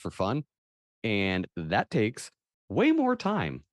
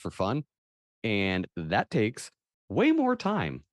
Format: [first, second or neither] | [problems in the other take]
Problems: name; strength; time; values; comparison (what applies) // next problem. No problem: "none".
neither | none